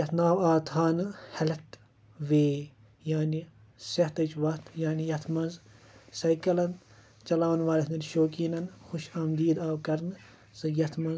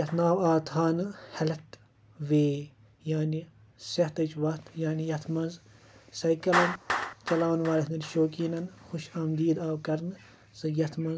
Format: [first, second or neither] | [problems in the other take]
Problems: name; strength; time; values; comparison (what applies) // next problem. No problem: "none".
first | background sound (Clapping); 10 dB below the speech